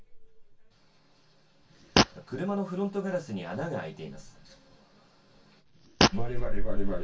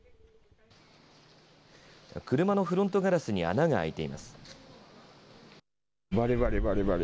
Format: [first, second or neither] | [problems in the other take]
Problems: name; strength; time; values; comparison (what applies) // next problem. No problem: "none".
second | background sound (Fart); 1 dB above the speech // room echo; dies away in 0.2 s